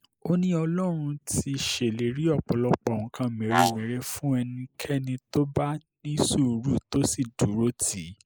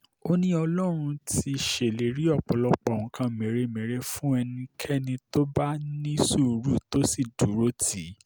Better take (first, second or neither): second